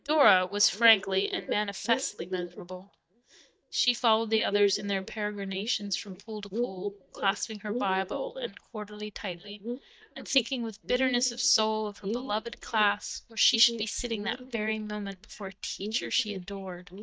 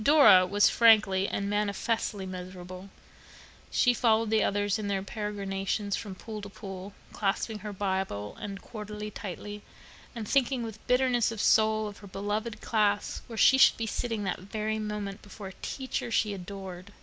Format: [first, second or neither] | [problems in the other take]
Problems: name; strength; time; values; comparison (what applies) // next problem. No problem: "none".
second | noise reduction (neural mask model DeepFilterNet 3)